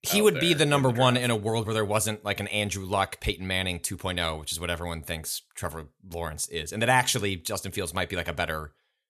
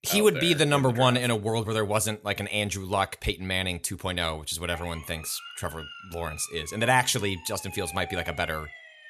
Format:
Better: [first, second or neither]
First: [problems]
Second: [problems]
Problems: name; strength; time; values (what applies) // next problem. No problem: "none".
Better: first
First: none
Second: siren; faint; from 4.5 s on; peak 15 dB below the speech